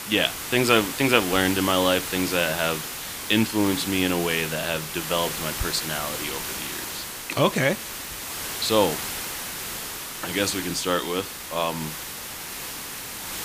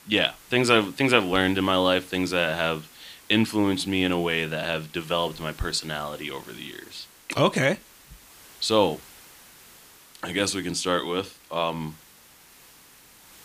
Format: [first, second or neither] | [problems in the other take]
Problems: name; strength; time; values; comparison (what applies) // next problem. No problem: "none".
second | hiss; loud; throughout; 6 dB below the speech; faint in the second